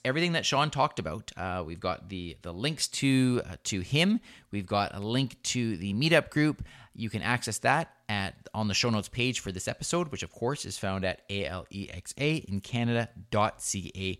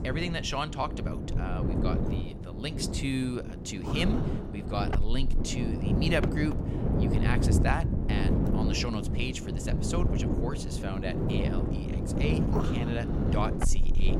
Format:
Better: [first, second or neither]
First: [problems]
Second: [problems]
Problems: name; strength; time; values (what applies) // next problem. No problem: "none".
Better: first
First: none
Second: wind noise on the microphone; heavy; 2 dB below the speech